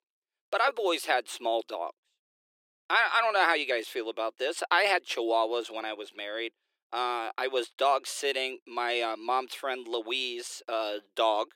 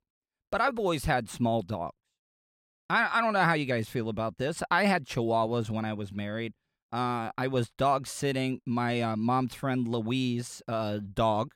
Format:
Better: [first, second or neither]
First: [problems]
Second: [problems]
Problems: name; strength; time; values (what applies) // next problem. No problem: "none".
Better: second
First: thin; very; fading below 350 Hz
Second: none